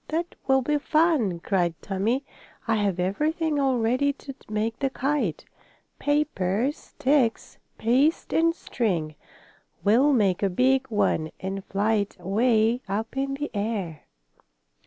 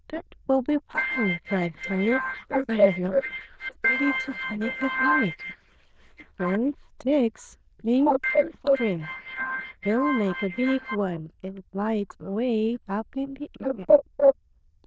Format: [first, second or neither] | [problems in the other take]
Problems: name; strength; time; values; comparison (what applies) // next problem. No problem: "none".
first | noise reduction (neural diffusion model UNIVERSE++)